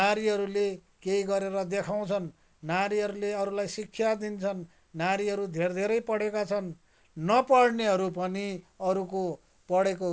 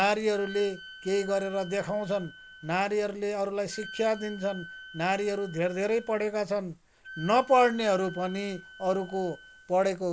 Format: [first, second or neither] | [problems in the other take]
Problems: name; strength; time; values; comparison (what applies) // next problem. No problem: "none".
first | background sound (Wind instrument, woodwind instrument); 18 dB below the speech